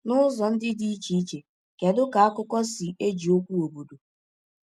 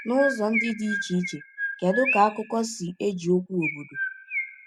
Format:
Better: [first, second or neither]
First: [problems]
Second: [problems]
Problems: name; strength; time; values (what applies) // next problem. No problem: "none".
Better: first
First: none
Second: background sound (Chirp, tweet); 6 dB below the speech